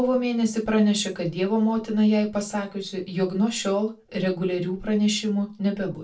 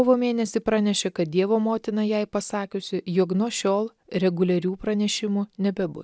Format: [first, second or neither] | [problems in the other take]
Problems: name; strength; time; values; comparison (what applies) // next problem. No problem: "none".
second | room echo; dies away in 0.2 s